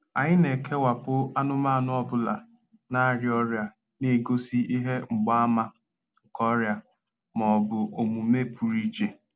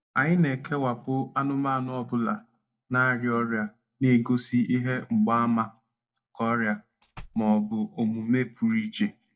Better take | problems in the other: first | noise reduction (neural mask model DeepFilterNet 3)

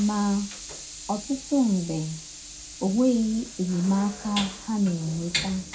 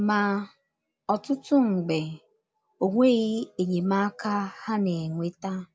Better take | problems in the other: second | background sound (Train); 11 dB below the speech // room echo; dies away in 0.2 s

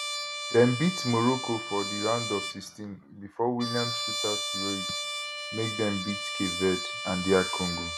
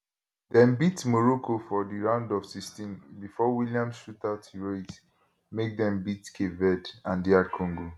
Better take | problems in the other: second | background sound (Trumpet); 5 dB below the speech

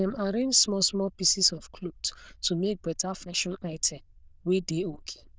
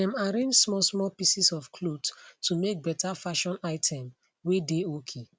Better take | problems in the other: second | noise reduction (neural diffusion model UNIVERSE++)

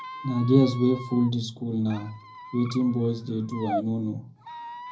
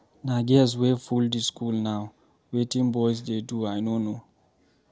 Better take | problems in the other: second | background sound (Squeak); 13 dB below the speech // room echo; dies away in 0.4 s

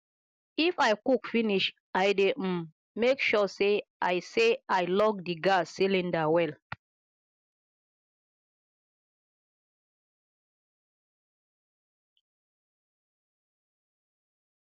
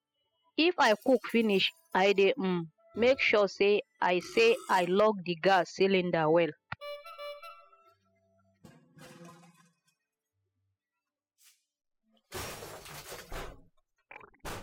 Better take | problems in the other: first | noise reduction (classical method spectral subtraction)

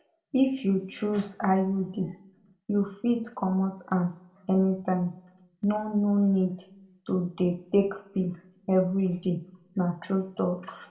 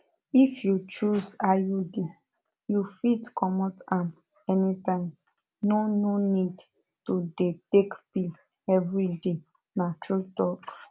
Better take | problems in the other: second | room echo; dies away in 0.4 s

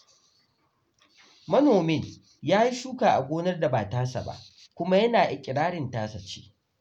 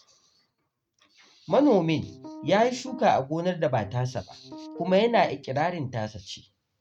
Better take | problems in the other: first | noise reduction (neural mask model RNNoise)

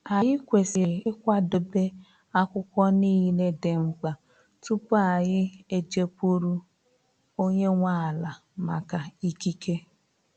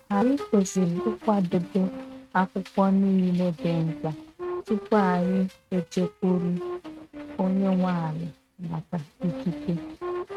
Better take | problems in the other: first | noise reduction (neural mask model RNNoise)

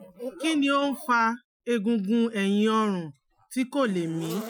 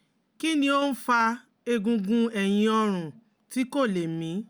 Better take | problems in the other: second | noise reduction (classical method Wiener filter)

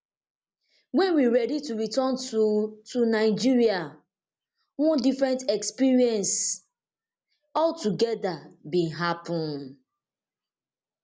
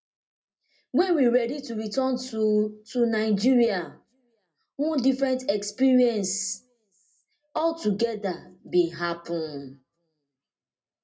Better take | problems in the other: first | room echo; dies away in 0.2 s

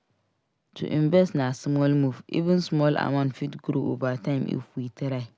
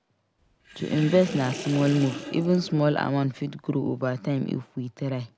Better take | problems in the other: first | background sound (Sink (filling or washing) / Water); 12 dB below the speech

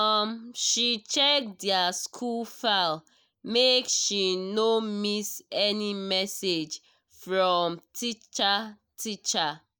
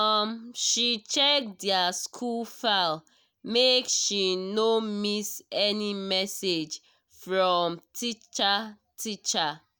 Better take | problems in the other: second | noise reduction (neural mask model Resemble Enhance denoiser)

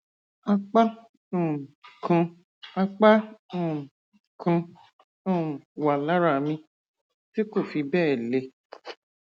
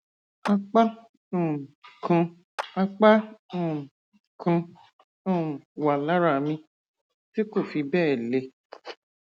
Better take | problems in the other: first | background sound (Clapping); 16 dB below the speech

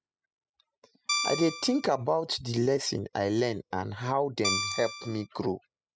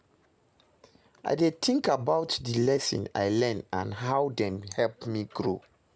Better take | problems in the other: second | noise reduction (classical method spectral subtraction)

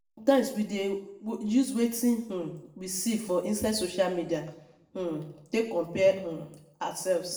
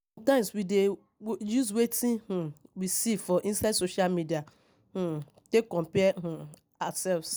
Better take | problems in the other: second | room echo; dies away in 0.6 s

